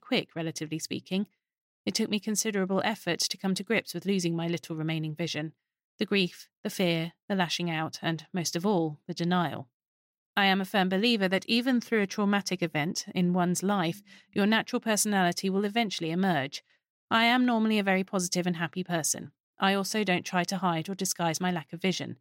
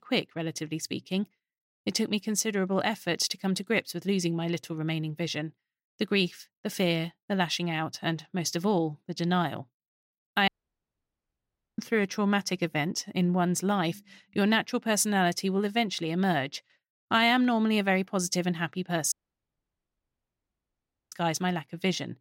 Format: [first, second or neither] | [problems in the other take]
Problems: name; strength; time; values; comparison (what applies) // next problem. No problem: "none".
first | audio cutting out; at 10 s for 1.5 s and at 19 s for 2 s